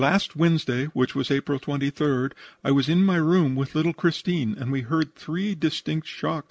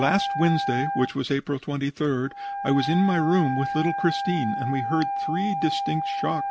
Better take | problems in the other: first | background sound (Wind instrument, woodwind instrument); 4 dB below the speech

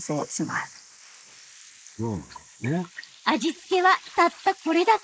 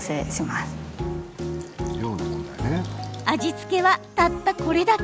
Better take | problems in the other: second | noise reduction (neural mask model Resemble Enhance denoiser)

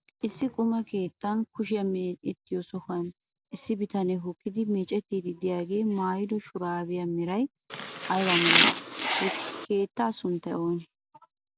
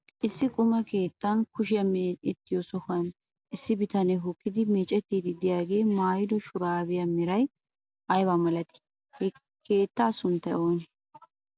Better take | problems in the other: second | background sound (Domestic sounds, home sounds); 4 dB above the speech

